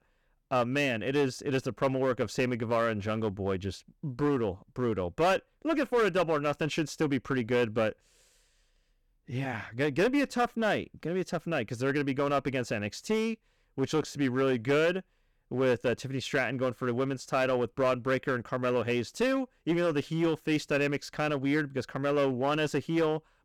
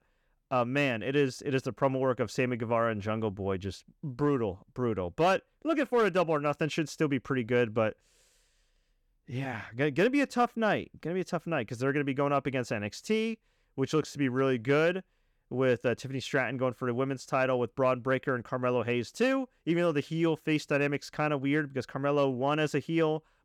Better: second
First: distortion; slight; 6% of the sound clipped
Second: none

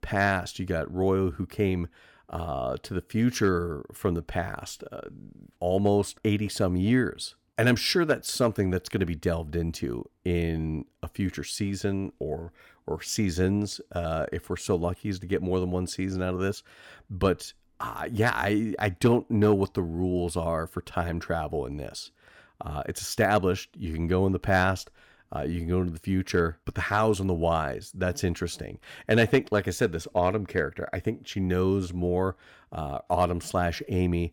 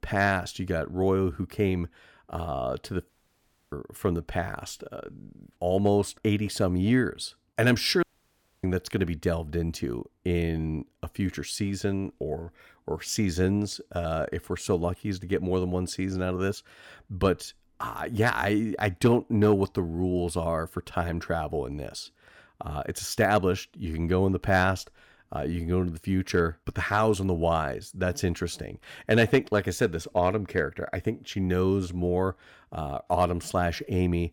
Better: first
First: none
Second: audio cutting out; at 3 s for 0.5 s and at 8 s for 0.5 s

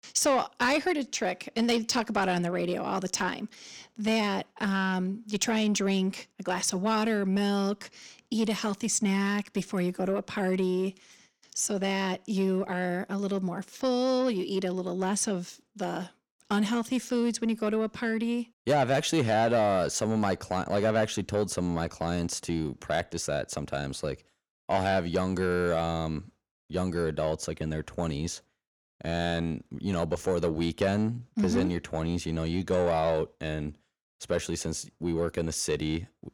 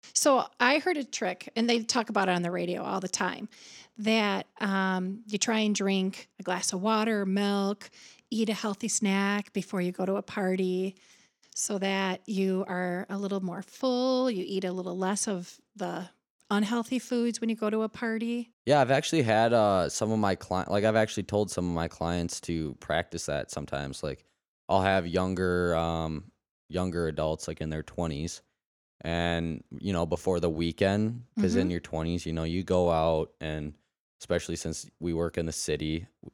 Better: second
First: distortion; slight; 10 dB below the speech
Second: none

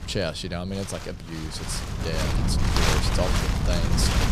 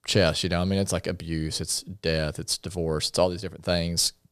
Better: second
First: wind noise on the microphone; heavy; 3 dB above the speech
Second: none

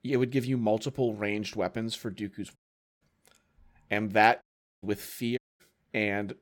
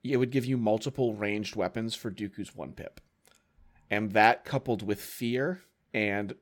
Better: second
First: audio cutting out; at 2.5 s, at 4.5 s and at 5.5 s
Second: none

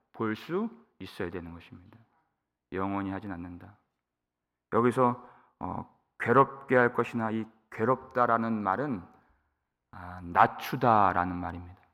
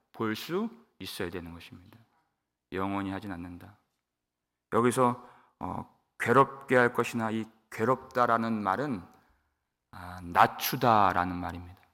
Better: second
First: muffled; slightly; fading above 3.5 kHz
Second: none

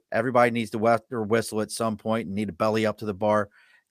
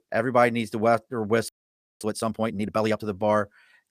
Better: first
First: none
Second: audio freezing; at 1.5 s for 0.5 s

